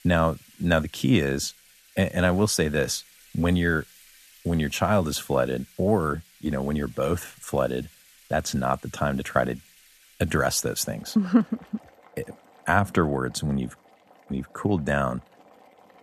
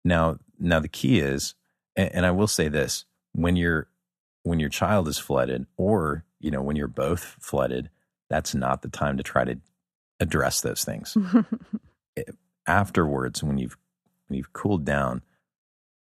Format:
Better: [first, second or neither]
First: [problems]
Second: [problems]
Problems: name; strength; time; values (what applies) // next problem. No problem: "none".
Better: second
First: household noises; faint; throughout; 25 dB below the speech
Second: none